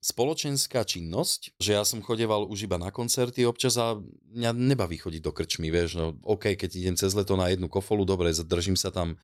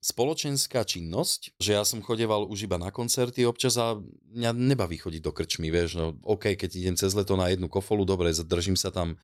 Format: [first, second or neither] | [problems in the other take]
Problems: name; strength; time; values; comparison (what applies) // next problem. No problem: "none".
neither | none